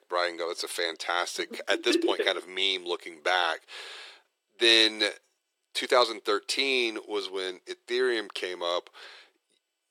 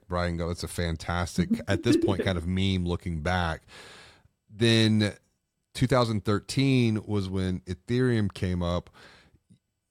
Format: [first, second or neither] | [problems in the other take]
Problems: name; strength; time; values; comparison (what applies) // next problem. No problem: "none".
second | thin; very; fading below 350 Hz